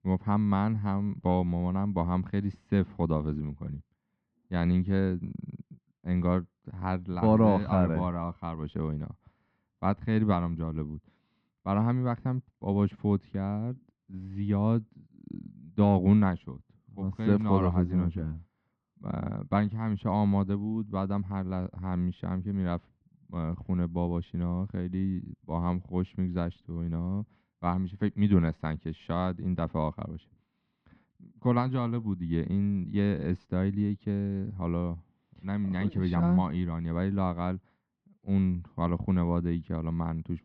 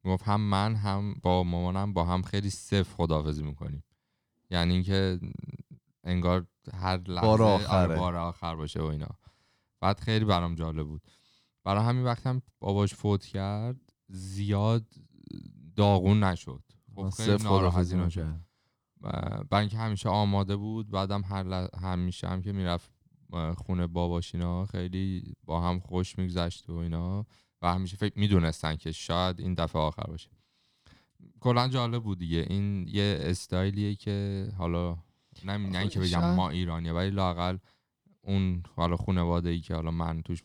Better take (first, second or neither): second